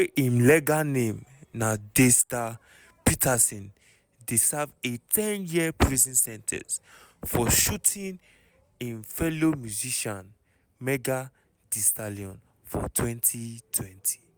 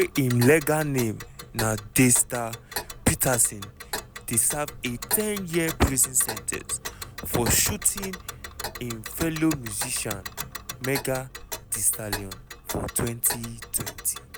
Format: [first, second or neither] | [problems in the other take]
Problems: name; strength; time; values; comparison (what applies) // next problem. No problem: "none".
first | background sound (Tick); 10 dB below the speech